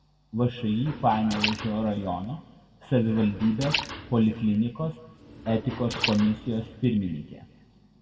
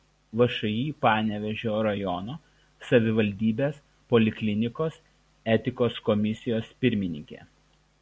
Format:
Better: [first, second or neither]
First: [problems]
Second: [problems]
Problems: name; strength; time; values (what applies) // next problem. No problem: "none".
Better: second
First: background sound (Liquid); 9 dB below the speech // room echo; dies away in 1.6 s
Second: none